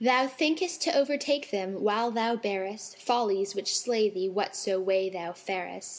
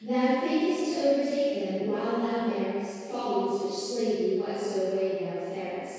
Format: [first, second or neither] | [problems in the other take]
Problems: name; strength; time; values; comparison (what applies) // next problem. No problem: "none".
first | room echo; dies away in 2 s